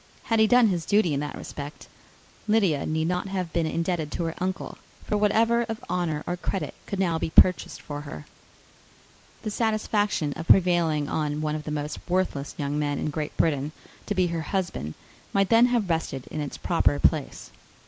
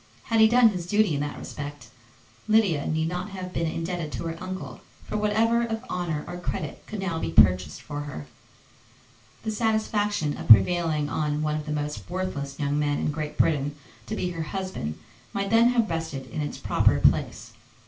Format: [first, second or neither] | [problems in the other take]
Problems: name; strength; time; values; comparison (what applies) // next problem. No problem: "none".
first | room echo; dies away in 0.3 s